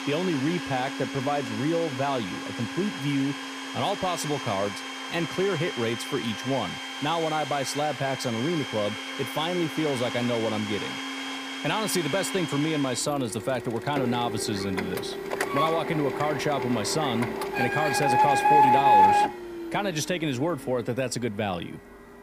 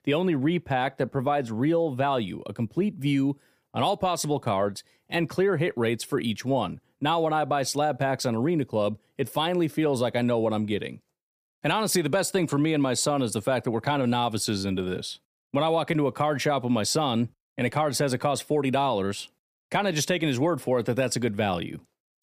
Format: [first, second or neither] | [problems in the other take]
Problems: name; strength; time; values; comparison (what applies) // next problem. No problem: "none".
second | household noises; very loud; throughout; as loud as the speech